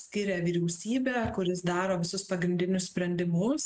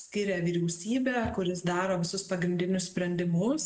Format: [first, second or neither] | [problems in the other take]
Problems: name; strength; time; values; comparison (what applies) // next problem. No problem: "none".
first | room echo; dies away in 1.3 s